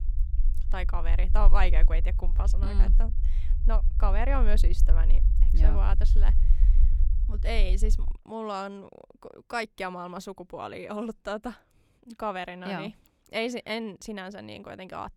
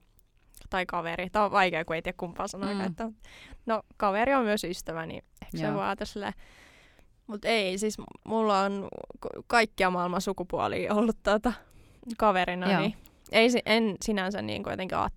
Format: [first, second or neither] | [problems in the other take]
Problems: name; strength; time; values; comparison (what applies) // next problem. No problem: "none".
second | low rumble; noticeable; until 8 s; 15 dB below the speech